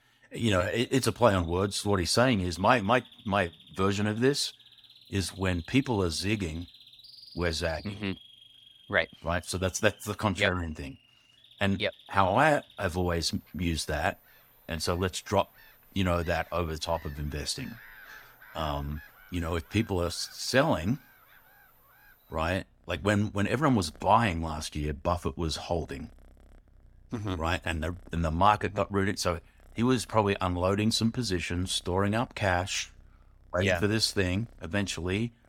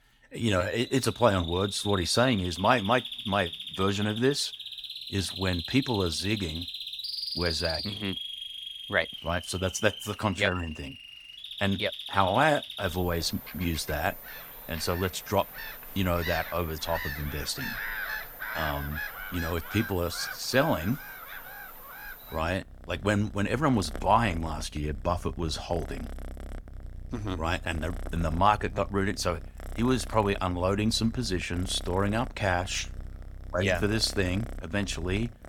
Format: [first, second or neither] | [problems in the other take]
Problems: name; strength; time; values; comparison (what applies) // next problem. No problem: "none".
first | animal sounds; loud; throughout; 9 dB below the speech; faint in the first